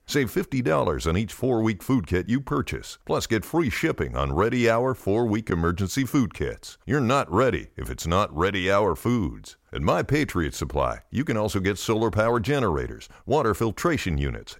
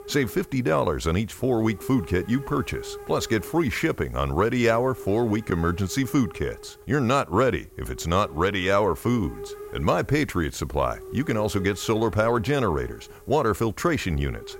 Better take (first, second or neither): first